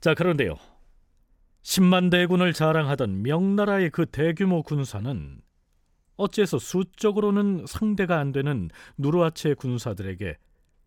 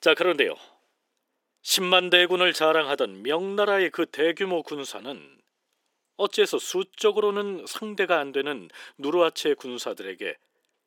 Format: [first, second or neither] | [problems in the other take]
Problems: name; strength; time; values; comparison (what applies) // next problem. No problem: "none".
first | thin; very; fading below 350 Hz